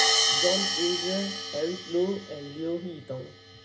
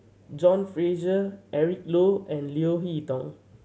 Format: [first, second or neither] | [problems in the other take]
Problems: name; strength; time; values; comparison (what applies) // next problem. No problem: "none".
second | background sound (Hi-hat); 2 dB above the speech // room echo; dies away in 0.4 s